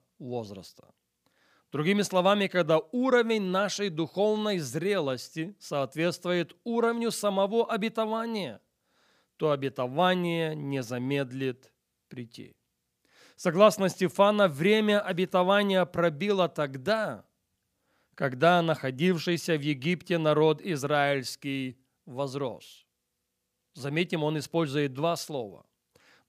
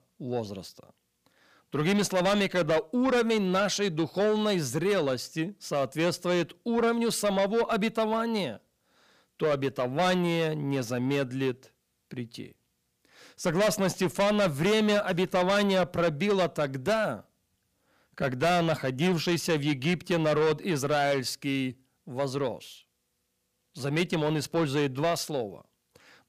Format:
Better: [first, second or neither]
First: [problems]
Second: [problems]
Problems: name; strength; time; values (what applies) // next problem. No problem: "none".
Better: first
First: none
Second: distortion; heavy; 7 dB below the speech